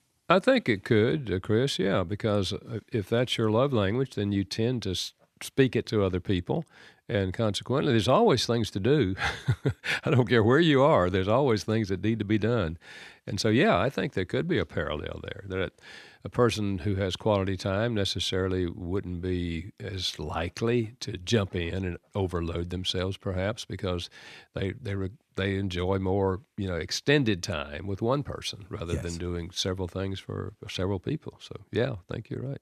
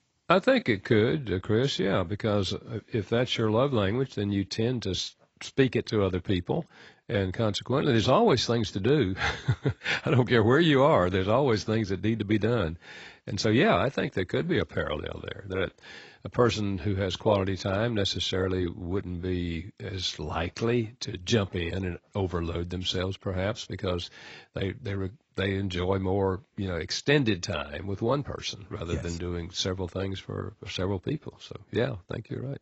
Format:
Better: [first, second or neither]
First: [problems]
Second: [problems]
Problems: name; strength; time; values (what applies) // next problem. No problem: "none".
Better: first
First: none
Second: garbled, watery; badly; nothing above 7.5 kHz